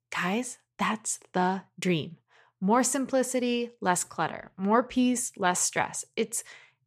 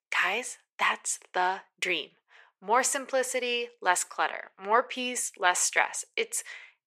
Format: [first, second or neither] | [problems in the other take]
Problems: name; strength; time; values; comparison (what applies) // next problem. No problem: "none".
first | thin; very; fading below 450 Hz